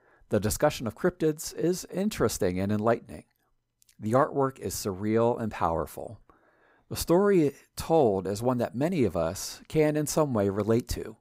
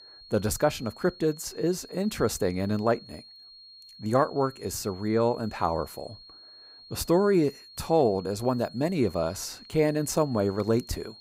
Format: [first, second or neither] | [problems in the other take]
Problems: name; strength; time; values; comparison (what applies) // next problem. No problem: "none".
first | high-pitched whine; noticeable; throughout; 4.5 kHz, 20 dB below the speech